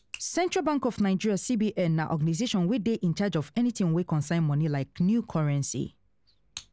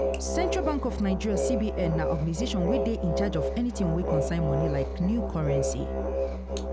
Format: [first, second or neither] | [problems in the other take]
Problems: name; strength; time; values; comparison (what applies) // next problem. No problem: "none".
first | background sound (Musical instrument); 1 dB above the speech